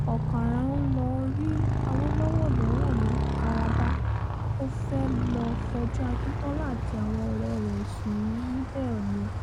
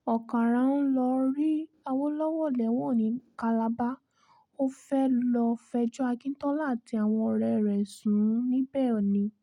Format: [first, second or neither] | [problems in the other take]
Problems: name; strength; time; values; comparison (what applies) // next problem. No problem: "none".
second | background sound (Motorcycle); 5 dB above the speech